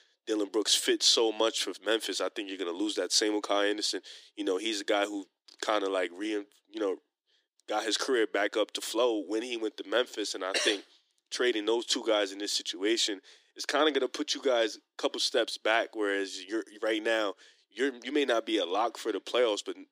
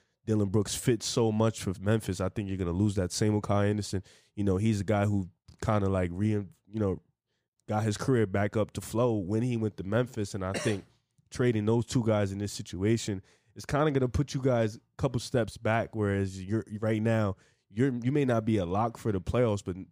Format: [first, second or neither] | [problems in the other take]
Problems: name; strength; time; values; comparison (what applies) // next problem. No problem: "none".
second | thin; very; fading below 300 Hz